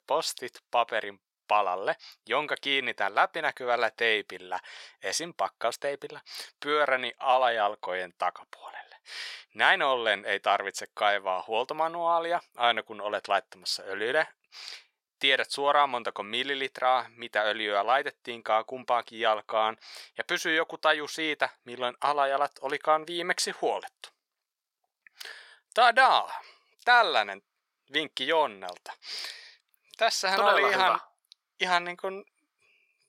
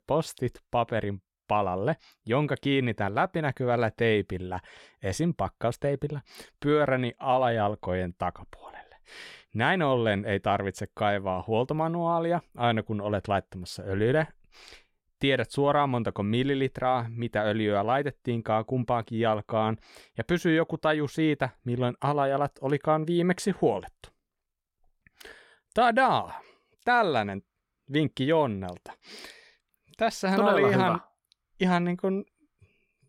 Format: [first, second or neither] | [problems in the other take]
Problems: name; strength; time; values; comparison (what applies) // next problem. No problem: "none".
second | thin; very; fading below 750 Hz